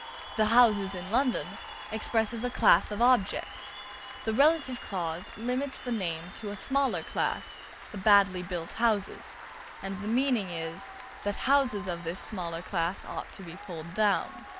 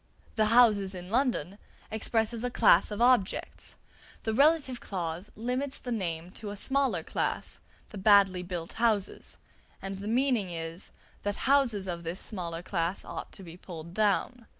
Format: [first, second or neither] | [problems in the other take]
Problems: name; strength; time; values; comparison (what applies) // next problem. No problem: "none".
second | background sound (Applause / Cheering); 14 dB below the speech